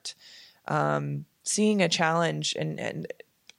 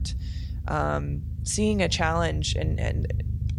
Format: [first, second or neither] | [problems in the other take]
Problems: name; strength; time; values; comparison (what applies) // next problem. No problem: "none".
first | low rumble; noticeable; throughout; 20 dB below the speech